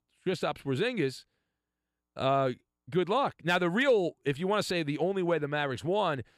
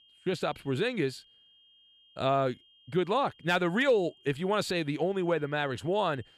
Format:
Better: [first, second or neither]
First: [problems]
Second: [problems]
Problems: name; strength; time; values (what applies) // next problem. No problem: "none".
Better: first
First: none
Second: high-pitched whine; faint; throughout; 3 kHz, 30 dB below the speech